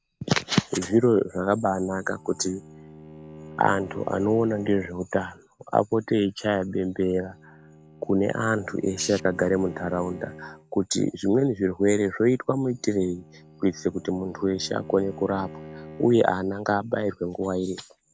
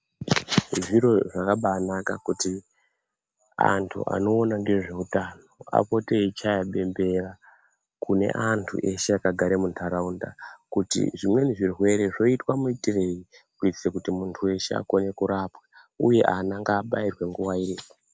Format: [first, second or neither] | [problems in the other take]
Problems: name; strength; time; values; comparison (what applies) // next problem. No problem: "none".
second | background sound (Tools + Bowed string instrument); 20 dB below the speech